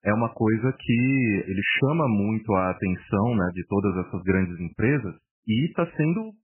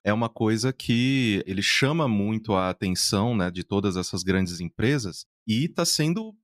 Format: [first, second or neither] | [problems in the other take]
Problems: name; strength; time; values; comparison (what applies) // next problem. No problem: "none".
second | garbled, watery; badly; nothing above 3 kHz